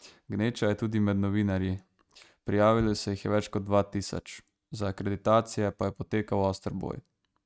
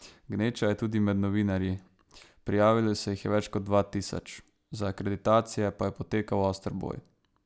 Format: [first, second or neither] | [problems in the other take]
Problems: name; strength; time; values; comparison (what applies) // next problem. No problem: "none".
second | noise reduction (neural mask model RNNoise)